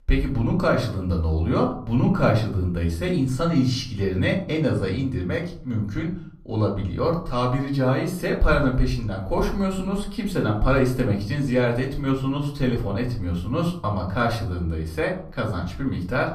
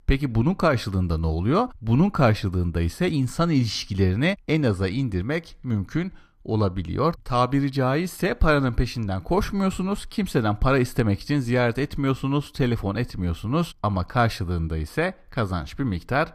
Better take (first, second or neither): second